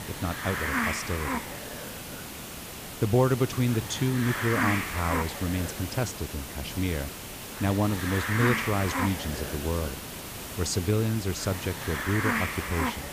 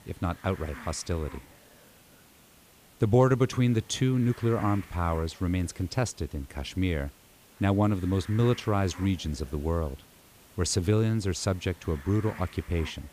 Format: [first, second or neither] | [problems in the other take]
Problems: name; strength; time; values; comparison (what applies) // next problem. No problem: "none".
second | hiss; loud; throughout; 3 dB below the speech; faint in the second